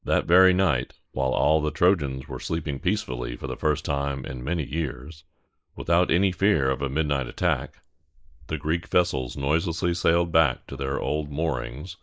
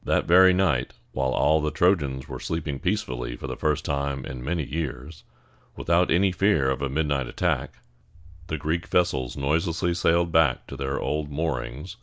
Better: second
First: noise reduction (neural mask model Resemble Enhance denoiser)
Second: none

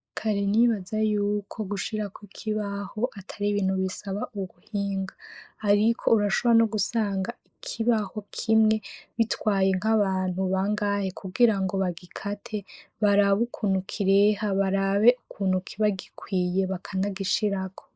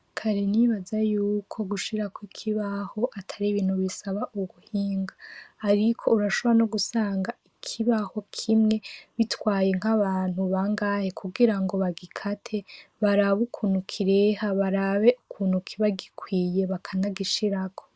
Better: second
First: noise reduction (neural mask model Resemble Enhance denoiser)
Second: none

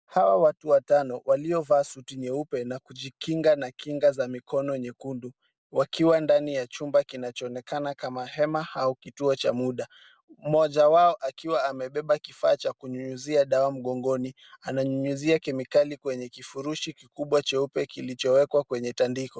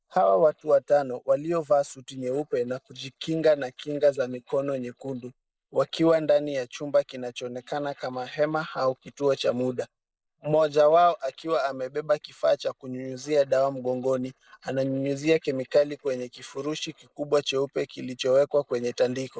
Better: first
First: none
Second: noise reduction (neural mask model Resemble Enhance denoiser)

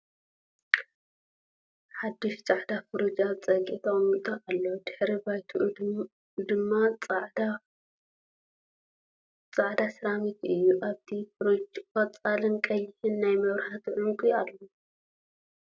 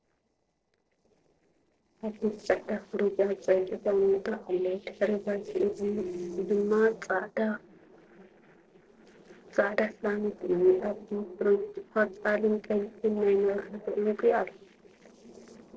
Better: first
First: none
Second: noise reduction (neural separator model SepFormer DNS4)

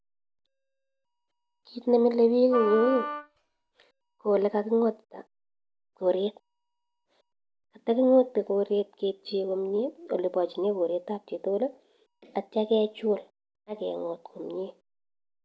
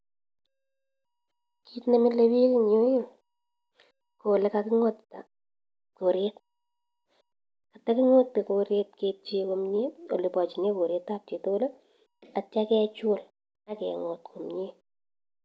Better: second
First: background sound (Wind instrument, woodwind instrument); 7 dB below the speech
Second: none

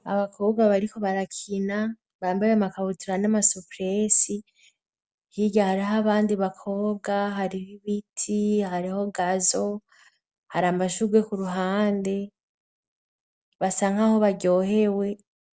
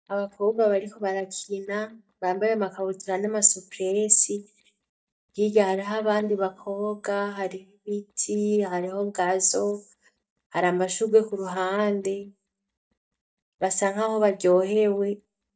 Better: first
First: none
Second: noise reduction (neural mask model DeepFilterNet 3)

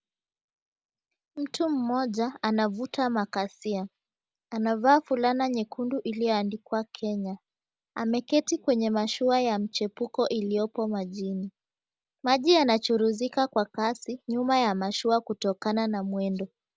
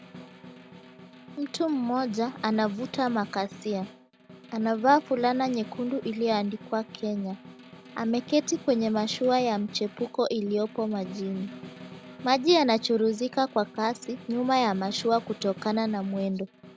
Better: first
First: none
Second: background sound (Snare drum); 17 dB below the speech

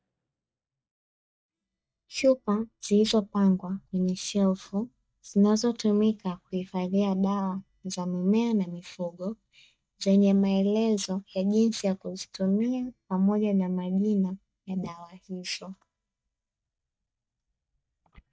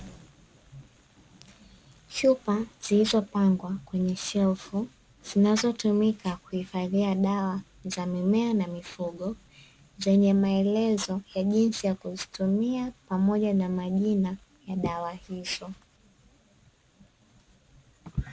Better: second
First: noise reduction (neural mask model DeepFilterNet 3)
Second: none

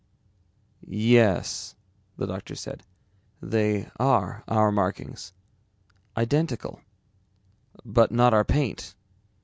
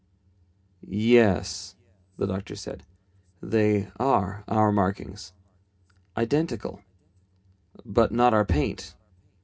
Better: first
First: none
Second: room echo; dies away in 0.3 s

